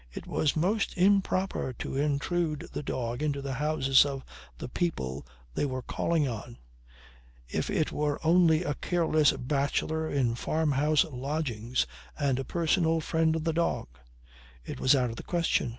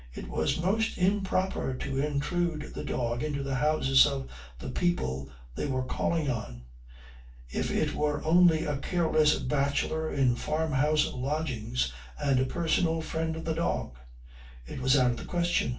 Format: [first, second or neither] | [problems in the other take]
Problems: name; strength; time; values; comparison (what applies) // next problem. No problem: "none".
first | room echo; dies away in 0.2 s